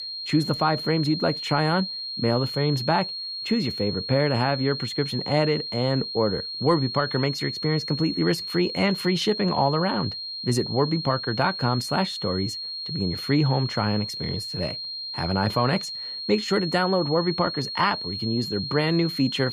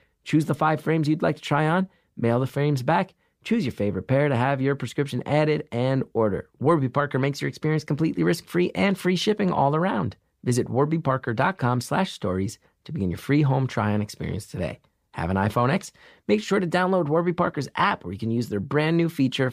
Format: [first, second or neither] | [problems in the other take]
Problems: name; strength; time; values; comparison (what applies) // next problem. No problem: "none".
second | high-pitched whine; loud; throughout; 4 kHz, 5 dB below the speech